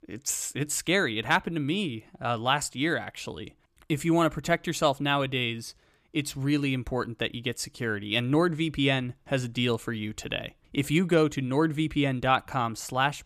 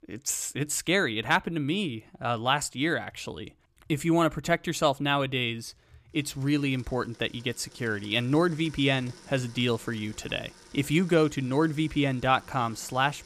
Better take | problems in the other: first | household noises; faint; throughout; 25 dB below the speech

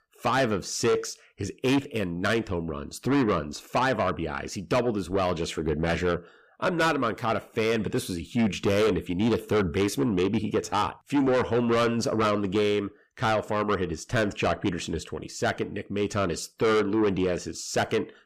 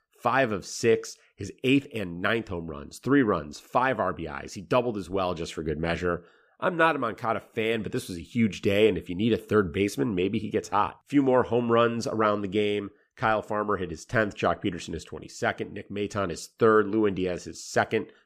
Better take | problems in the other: second | distortion; heavy; 8 dB below the speech

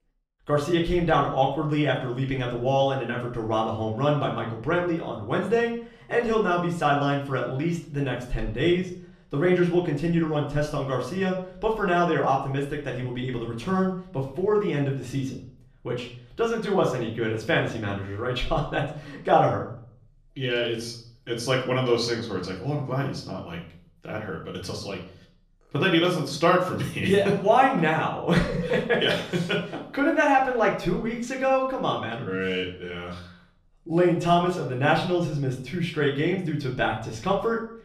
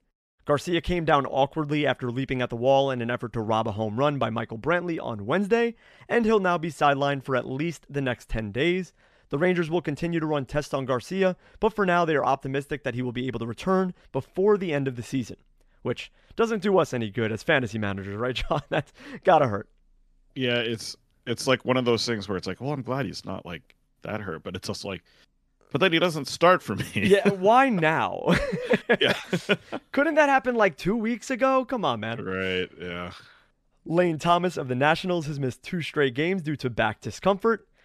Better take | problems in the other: second | room echo; slight; dies away in 0.5 s // off-mic speech; far

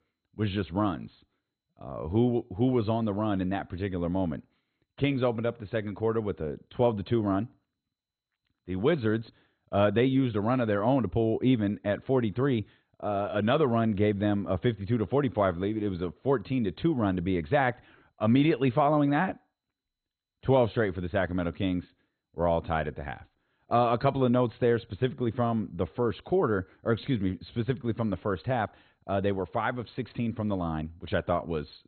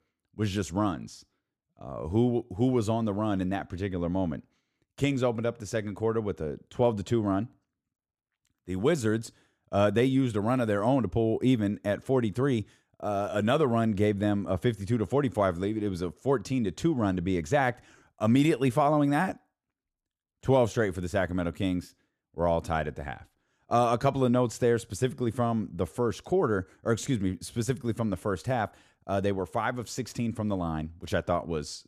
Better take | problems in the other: second | garbled, watery; badly; nothing above 4 kHz

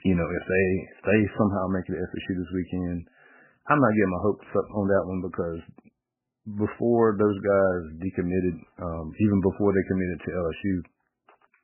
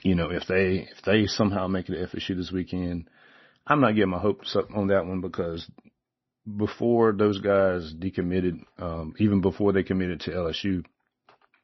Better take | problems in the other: second | garbled, watery; badly; nothing above 2.5 kHz; slightly in the second

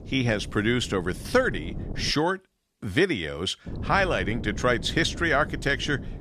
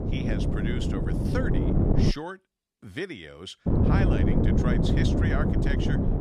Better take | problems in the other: first | wind noise on the microphone; heavy; until 2 s and from 3.5 s on; 3 dB above the speech; occasional gusts in the first

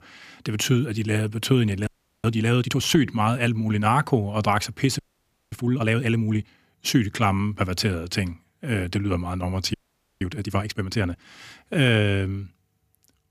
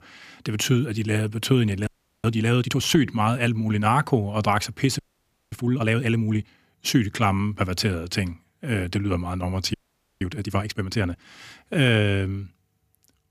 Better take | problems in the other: neither | audio freezing; at 2 s, at 5 s for 0.5 s and at 9.5 s; the same in both

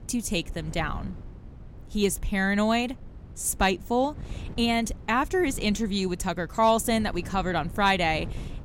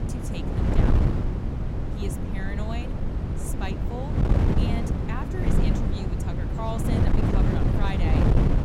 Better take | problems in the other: first | wind noise on the microphone; heavy; 4 dB above the speech; occasional gusts in the first

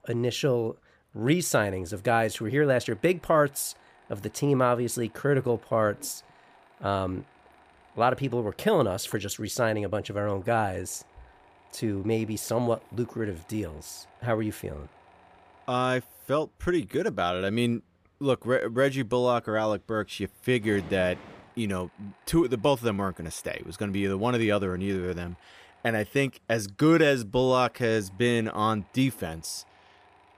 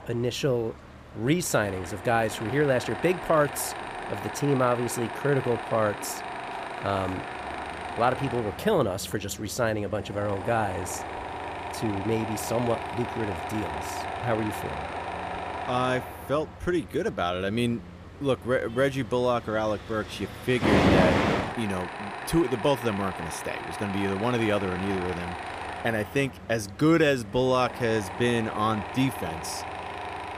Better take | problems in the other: first | machinery noise; loud; throughout; 5 dB below the speech; faint in the first

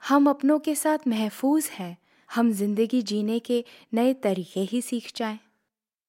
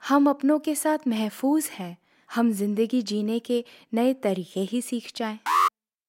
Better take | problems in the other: first | alarm; loud; at 5.5 s; peak 3 dB above the speech

